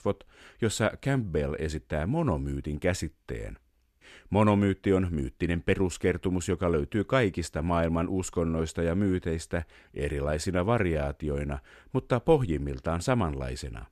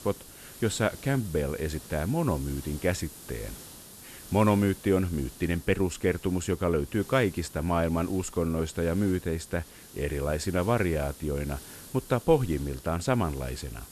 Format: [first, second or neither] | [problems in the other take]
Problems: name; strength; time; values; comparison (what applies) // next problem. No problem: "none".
first | hiss; noticeable; throughout; 15 dB below the speech